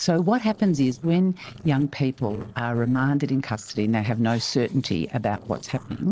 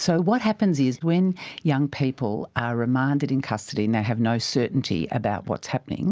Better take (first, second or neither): second